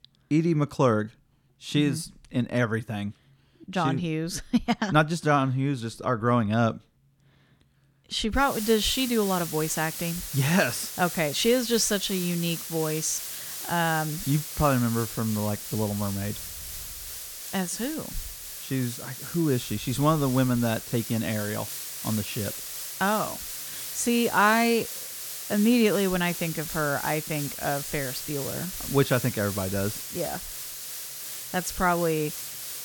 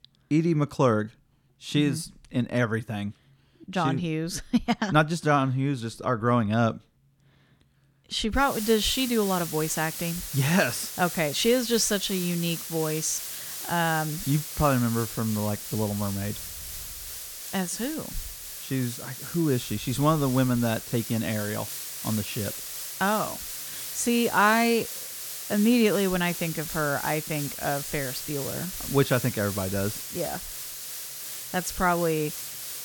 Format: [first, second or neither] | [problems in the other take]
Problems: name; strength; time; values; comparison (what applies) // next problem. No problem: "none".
neither | hiss; loud; from 8.5 s on; 7 dB below the speech; the same in both